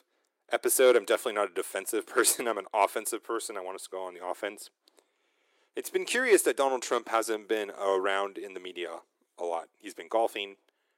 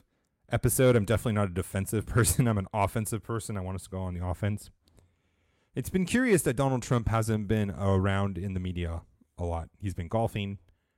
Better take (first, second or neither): second